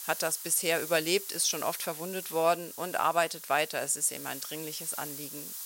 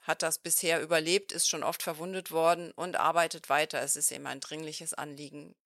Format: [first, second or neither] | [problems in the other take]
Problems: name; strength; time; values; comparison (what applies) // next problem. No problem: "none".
second | hiss; loud; throughout; 10 dB below the speech